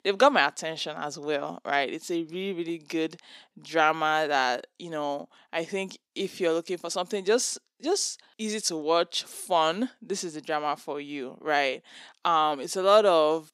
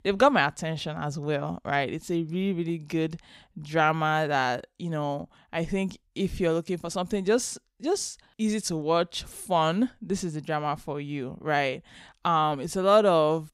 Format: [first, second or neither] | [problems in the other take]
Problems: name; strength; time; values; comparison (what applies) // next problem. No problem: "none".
second | thin; somewhat; fading below 300 Hz